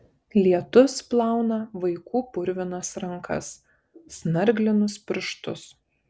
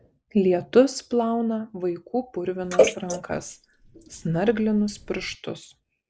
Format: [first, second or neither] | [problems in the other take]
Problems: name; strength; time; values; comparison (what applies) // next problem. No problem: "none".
first | noise reduction (neural mask model Resemble Enhance denoiser)